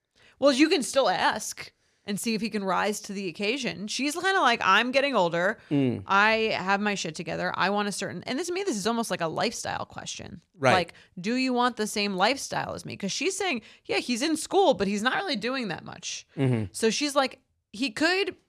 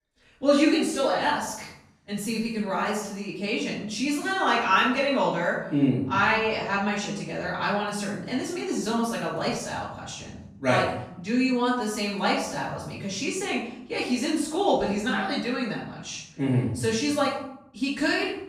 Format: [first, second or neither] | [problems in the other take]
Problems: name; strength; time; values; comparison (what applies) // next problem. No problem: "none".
first | off-mic speech; far // room echo; noticeable; dies away in 0.7 s